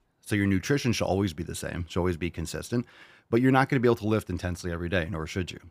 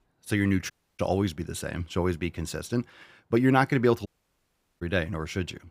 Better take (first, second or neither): first